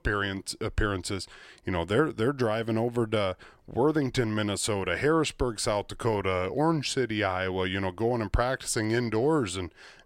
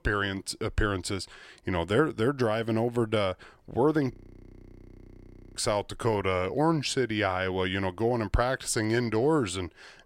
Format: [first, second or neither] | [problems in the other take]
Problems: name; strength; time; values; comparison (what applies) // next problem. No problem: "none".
first | audio freezing; at 4 s for 1.5 s